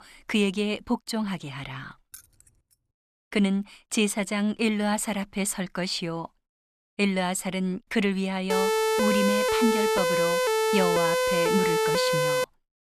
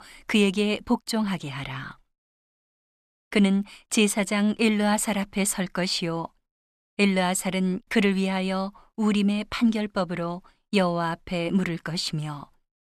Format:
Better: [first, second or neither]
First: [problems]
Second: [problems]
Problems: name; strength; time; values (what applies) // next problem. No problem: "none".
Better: second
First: jangling keys; faint; at 2 s; peak 20 dB below the speech // siren; loud; from 8.5 s on; peak 4 dB above the speech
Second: none